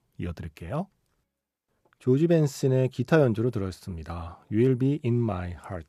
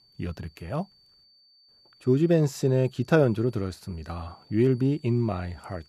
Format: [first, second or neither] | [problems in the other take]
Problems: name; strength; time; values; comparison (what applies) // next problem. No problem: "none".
first | high-pitched whine; faint; throughout; 4.5 kHz, 30 dB below the speech